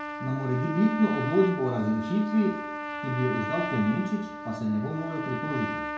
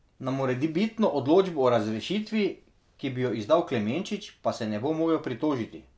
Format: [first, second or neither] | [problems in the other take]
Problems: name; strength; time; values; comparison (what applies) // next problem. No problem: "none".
second | background sound (Trumpet); 7 dB below the speech // room echo; dies away in 0.6 s